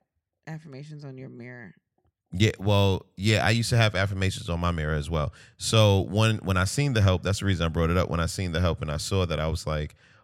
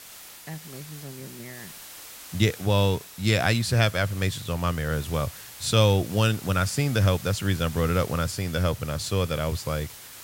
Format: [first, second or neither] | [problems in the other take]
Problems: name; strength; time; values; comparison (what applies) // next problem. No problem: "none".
first | hiss; noticeable; throughout; 15 dB below the speech